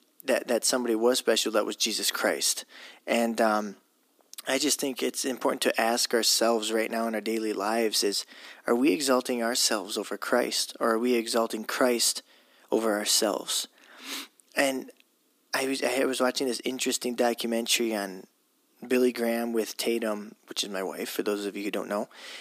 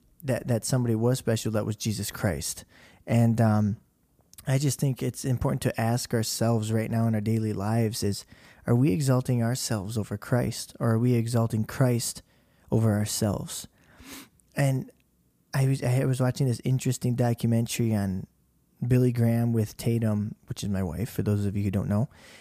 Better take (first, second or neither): second